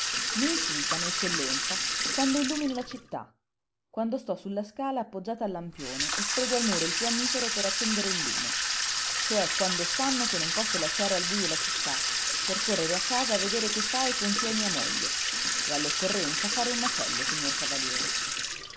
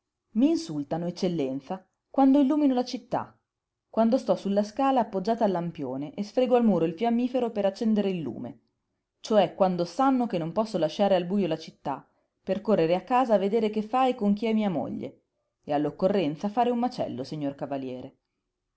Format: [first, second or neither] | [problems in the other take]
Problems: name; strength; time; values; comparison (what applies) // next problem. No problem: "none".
second | background sound (Sink (filling or washing) / Water tap, faucet); 3 dB above the speech